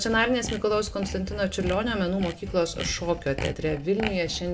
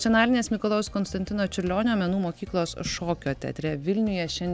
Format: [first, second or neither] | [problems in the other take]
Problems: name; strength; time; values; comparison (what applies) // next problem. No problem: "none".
second | background sound (Sawing); 11 dB below the speech // room echo; dies away in 0.3 s